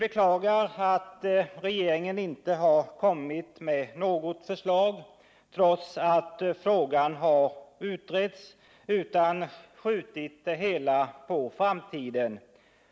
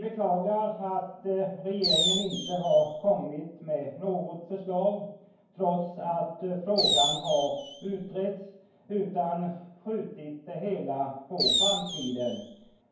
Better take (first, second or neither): first